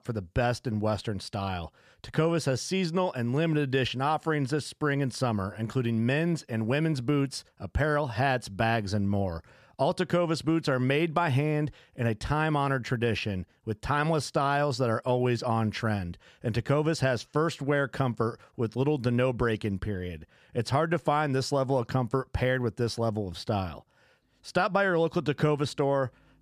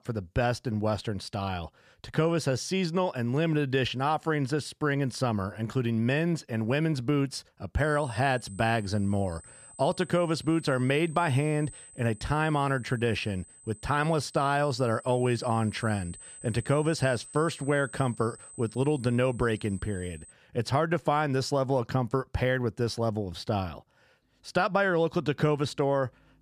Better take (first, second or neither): first